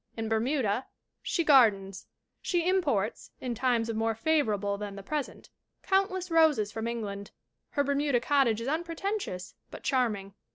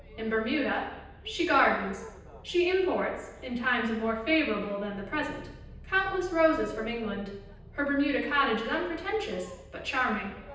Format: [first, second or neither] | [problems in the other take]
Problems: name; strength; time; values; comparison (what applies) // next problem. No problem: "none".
first | background sound (Boat, Water vehicle); 18 dB below the speech // room echo; dies away in 0.9 s